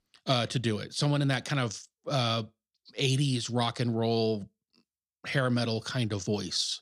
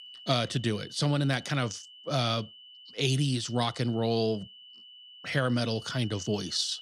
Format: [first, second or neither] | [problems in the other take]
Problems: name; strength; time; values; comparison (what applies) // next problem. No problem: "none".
first | high-pitched whine; noticeable; throughout; 3 kHz, 20 dB below the speech